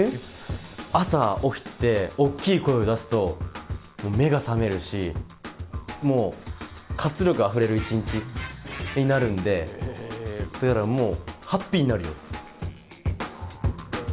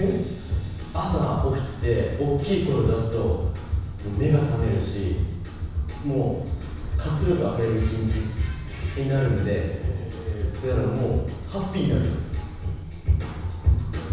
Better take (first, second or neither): first